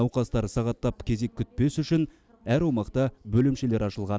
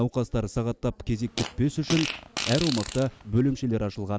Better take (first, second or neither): first